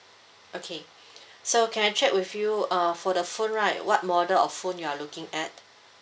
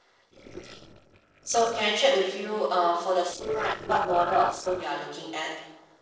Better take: first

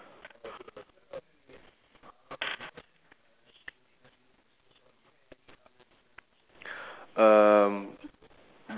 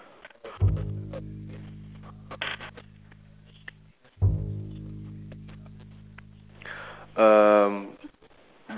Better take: first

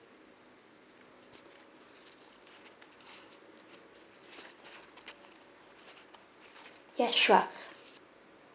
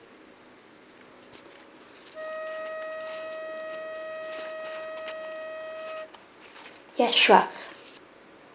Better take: first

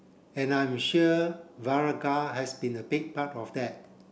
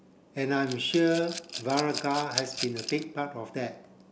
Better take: first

